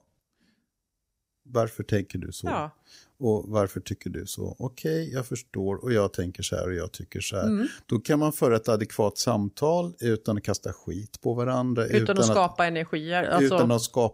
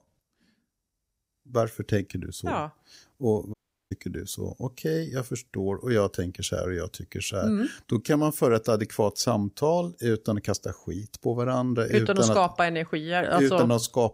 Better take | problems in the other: first | audio cutting out; at 3.5 s

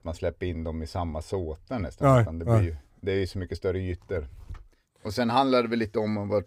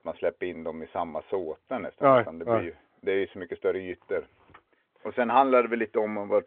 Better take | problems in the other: first | phone-call audio

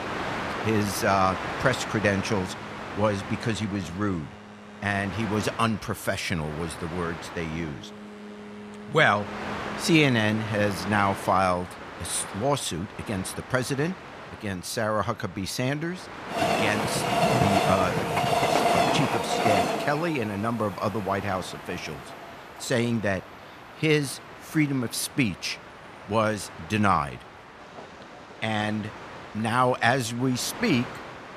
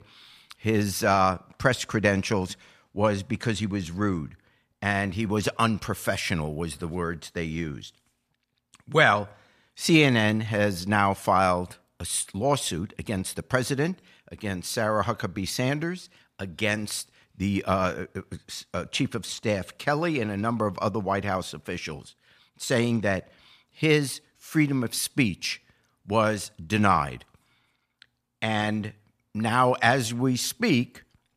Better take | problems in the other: second | train or aircraft noise; loud; throughout; 4 dB below the speech

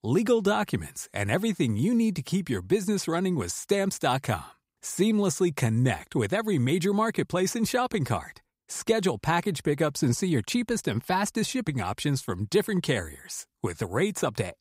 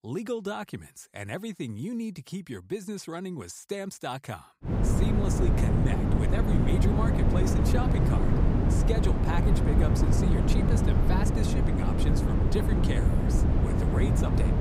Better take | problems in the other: first | wind noise on the microphone; heavy; from 4.5 s on; 3 dB above the speech

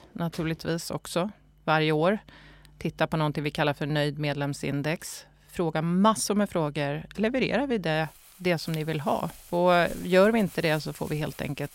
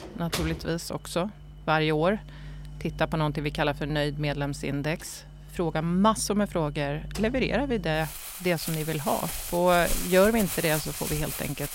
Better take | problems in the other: first | household noises; loud; throughout; 9 dB below the speech; faint in the first

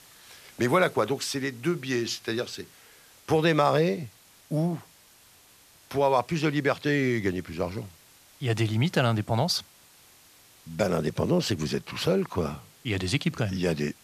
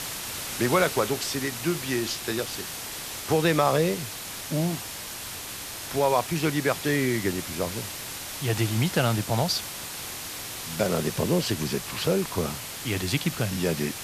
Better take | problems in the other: first | hiss; loud; throughout; 7 dB below the speech; faint in the first

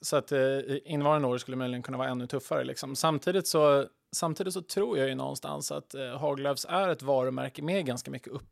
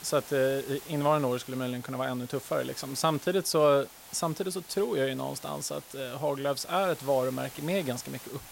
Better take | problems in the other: first | hiss; noticeable; throughout; 15 dB below the speech

